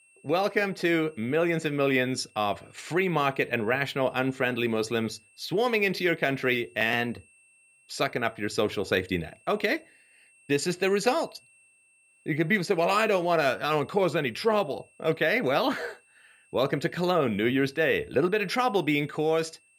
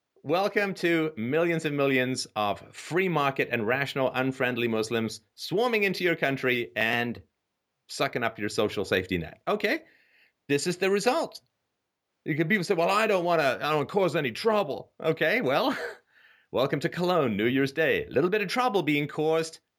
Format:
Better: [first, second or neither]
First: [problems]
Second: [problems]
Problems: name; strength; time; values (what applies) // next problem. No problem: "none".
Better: second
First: high-pitched whine; faint; throughout; 2.5 kHz, 30 dB below the speech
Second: none